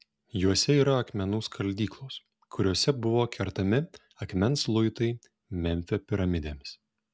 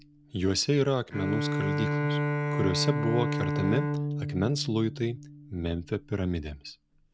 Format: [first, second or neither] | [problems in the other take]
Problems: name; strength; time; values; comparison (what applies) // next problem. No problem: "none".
first | background sound (Bowed string instrument); 2 dB below the speech